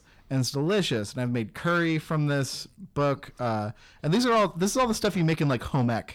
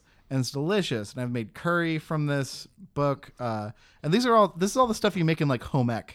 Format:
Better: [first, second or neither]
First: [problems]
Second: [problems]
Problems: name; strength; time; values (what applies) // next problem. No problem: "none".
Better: second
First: distortion; slight; 10 dB below the speech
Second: none